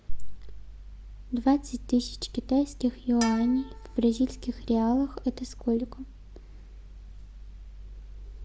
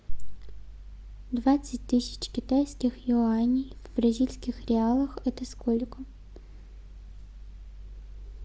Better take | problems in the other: second | background sound (Bowed string instrument); 13 dB below the speech

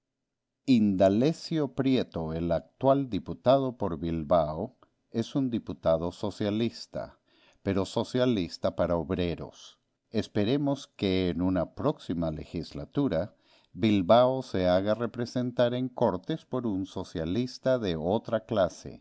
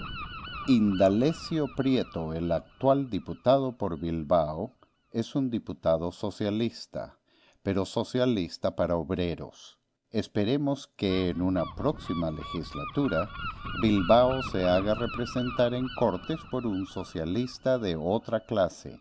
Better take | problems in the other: first | background sound (Gull, seagull); 14 dB below the speech

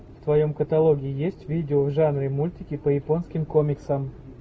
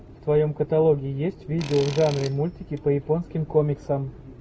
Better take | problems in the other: first | background sound (Tools); 15 dB below the speech

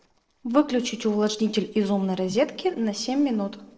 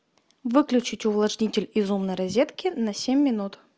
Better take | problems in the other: second | noise reduction (neural separator model SepFormer DNS4)

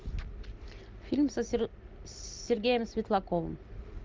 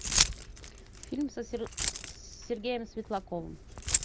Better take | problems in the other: first | background sound (Keys jangling); 3 dB above the speech

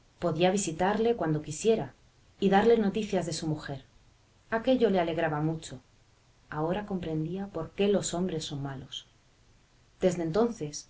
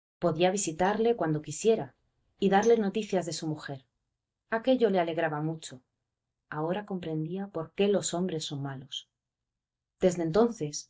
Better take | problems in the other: first | noise reduction (neural mask model DeepFilterNet 3)

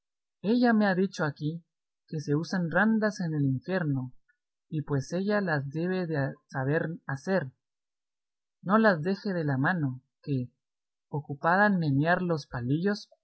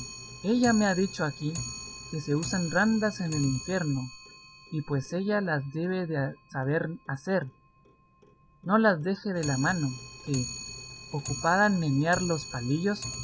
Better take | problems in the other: first | background sound (Clock); 12 dB below the speech

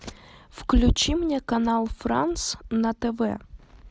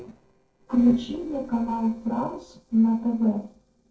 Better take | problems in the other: first | noise reduction (neural separator model SepFormer DNS4)

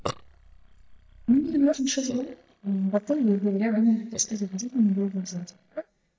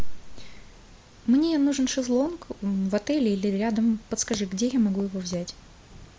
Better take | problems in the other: second | noise reduction (neural mask model DeepFilterNet 3)

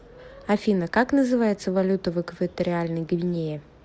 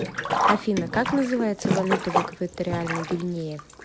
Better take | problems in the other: first | background sound (Sink (filling or washing)); 1 dB below the speech

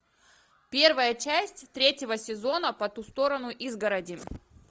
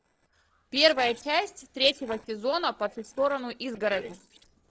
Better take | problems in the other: first | noise reduction (neural separator model SepFormer DNS4)

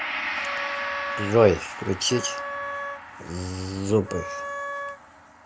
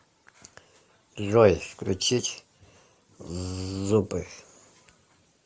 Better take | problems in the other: second | background sound (Wind instrument, woodwind instrument + Gong); 5 dB below the speech

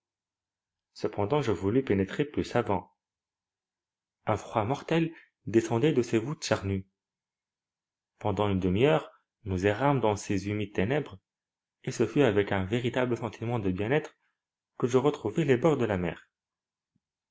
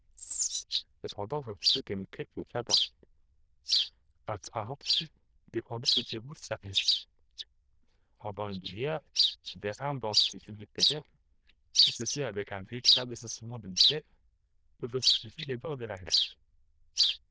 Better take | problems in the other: first | noise reduction (neural diffusion model UNIVERSE++)

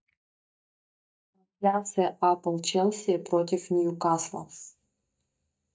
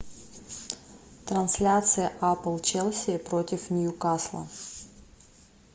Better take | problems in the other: second | noise reduction (neural mask model DeepFilterNet 3)

